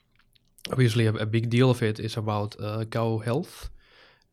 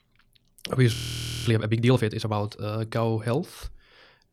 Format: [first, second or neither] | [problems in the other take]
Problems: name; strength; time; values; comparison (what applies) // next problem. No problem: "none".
first | audio freezing; at 1 s for 0.5 s